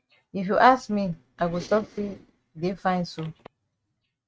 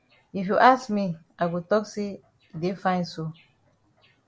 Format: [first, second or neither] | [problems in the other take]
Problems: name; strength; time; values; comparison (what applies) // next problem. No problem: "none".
second | noise reduction (neural mask model RNNoise)